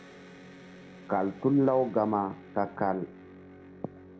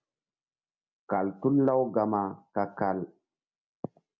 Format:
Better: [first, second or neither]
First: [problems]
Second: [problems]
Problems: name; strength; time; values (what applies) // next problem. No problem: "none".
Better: second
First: background sound (Electric guitar); 18 dB below the speech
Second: none